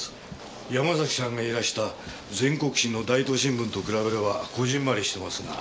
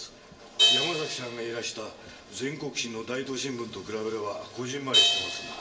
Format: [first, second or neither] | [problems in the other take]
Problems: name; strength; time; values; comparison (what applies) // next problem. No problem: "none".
first | background sound (Crash cymbal); 4 dB above the speech // room echo; dies away in 1.7 s